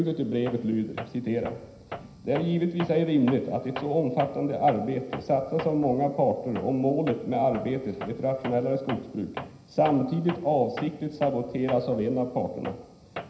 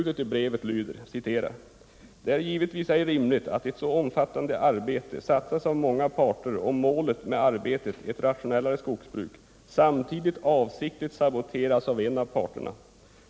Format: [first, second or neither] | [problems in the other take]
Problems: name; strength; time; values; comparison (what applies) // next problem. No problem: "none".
second | background sound (Tools); 14 dB below the speech // room echo; dies away in 0.9 s